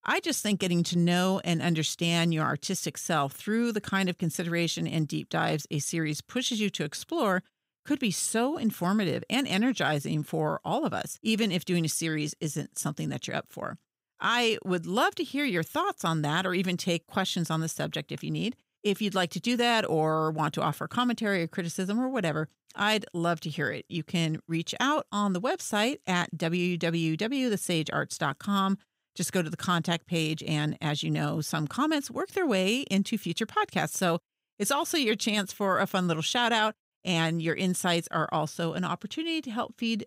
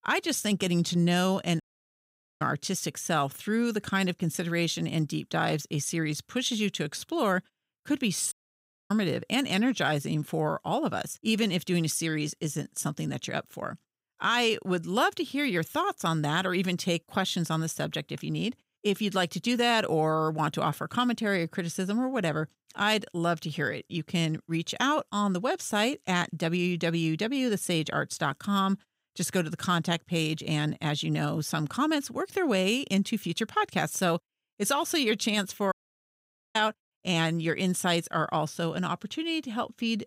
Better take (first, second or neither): first